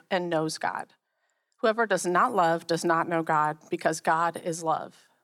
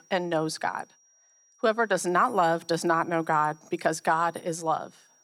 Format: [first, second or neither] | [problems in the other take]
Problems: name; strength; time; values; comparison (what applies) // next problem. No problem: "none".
first | high-pitched whine; faint; throughout; 5.5 kHz, 35 dB below the speech